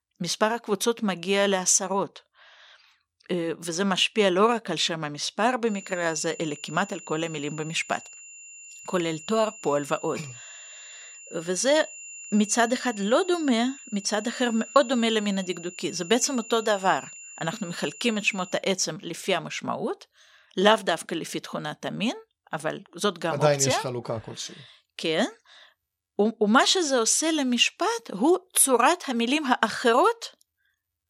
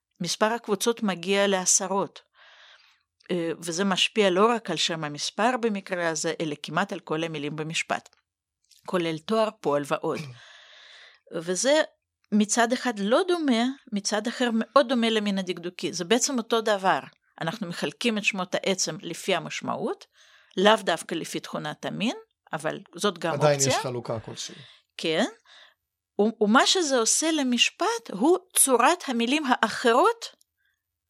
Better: second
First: high-pitched whine; noticeable; from 5.5 to 19 s; 7 kHz, 15 dB below the speech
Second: none

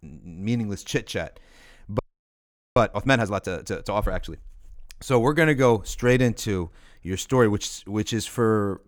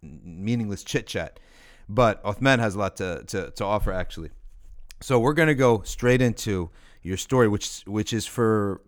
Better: second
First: audio freezing; at 2 s for 1 s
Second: none

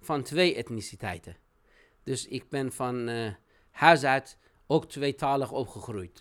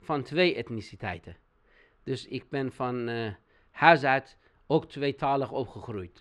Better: first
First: none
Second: muffled; very slightly; fading above 3 kHz

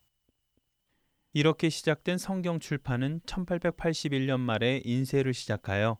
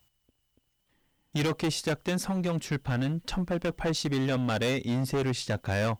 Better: first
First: none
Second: distortion; heavy; 14% of the sound clipped

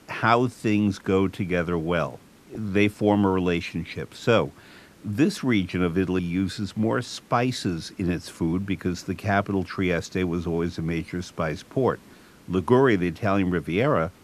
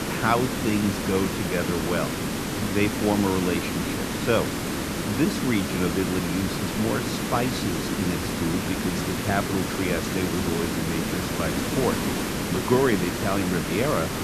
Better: first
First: hiss; faint; throughout; 30 dB below the speech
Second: hiss; loud; throughout; as loud as the speech

